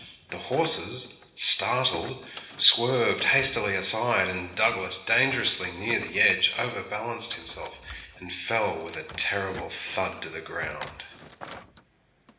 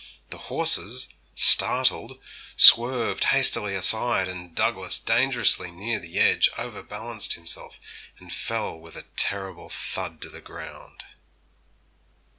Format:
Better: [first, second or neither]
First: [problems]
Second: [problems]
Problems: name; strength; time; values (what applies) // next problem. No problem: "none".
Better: second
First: background sound (Thump, thud); 18 dB below the speech // room echo; dies away in 1 s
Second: none